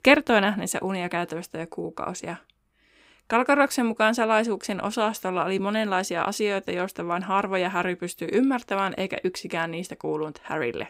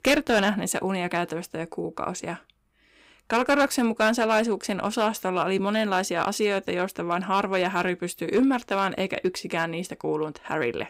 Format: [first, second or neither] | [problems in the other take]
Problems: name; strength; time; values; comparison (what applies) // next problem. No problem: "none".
first | distortion; slight; 3% of the sound clipped